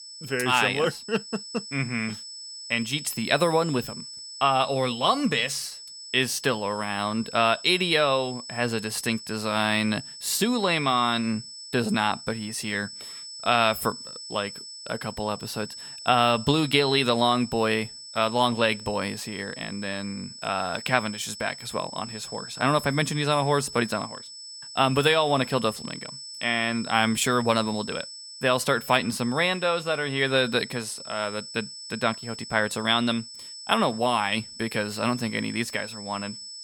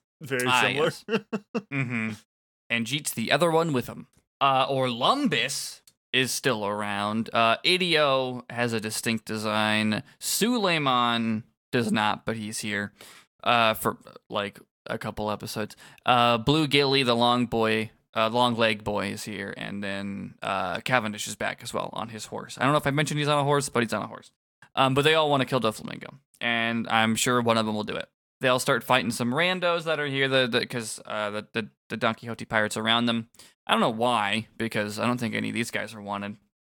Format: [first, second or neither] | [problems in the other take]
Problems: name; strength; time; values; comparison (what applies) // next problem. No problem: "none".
second | high-pitched whine; noticeable; throughout; 5.5 kHz, 15 dB below the speech